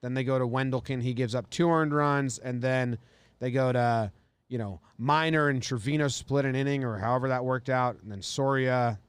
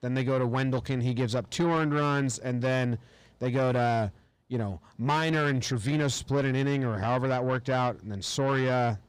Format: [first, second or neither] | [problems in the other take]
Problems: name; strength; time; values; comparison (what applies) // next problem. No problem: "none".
first | distortion; slight; 10 dB below the speech